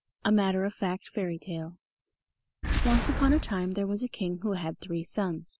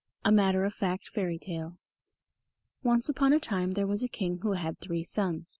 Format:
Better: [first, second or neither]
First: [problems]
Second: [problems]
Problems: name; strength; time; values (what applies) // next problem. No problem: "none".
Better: second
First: background sound (Boom); 2 dB below the speech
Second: none